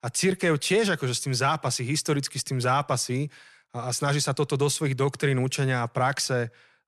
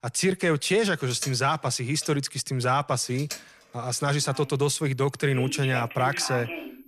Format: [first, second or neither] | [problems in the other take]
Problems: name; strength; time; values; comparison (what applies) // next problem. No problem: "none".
first | alarms or sirens; noticeable; throughout; 10 dB below the speech